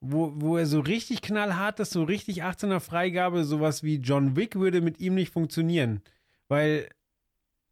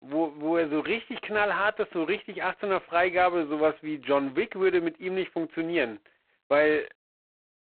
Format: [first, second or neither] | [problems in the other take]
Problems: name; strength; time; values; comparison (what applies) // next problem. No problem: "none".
first | phone-call audio; poor line; nothing above 4 kHz